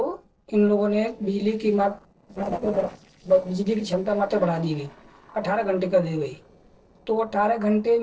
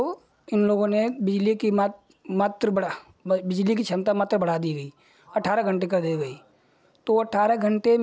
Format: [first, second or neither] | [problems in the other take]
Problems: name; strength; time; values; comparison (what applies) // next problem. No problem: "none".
second | noise reduction (neural separator model SepFormer DNS4)